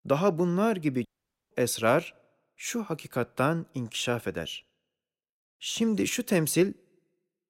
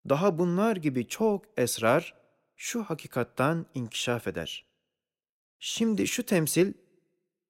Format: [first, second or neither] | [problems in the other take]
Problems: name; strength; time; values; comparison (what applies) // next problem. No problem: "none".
second | audio cutting out; at 1 s